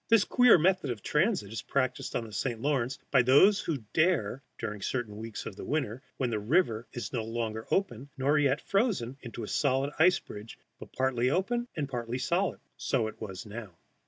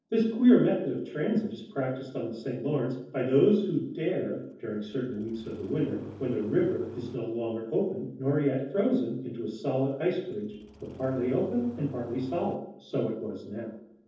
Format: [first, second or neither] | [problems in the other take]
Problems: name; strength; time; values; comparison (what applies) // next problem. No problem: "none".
first | noise reduction (neural separator model SepFormer DNS4)